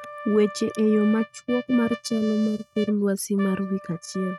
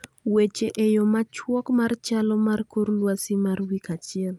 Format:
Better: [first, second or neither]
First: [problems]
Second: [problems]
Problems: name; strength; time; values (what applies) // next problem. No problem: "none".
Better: second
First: noise reduction (neural mask model RNNoise)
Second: none